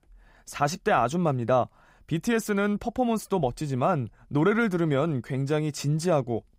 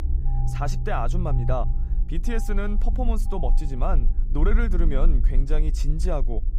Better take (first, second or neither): first